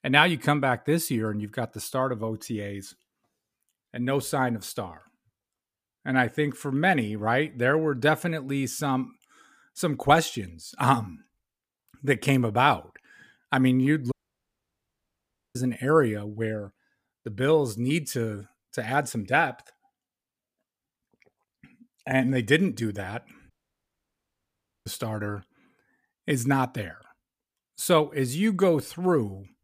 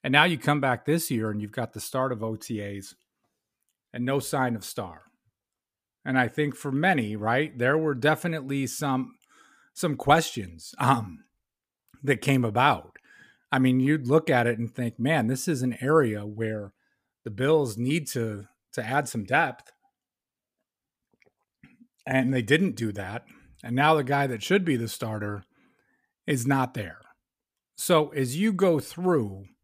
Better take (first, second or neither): second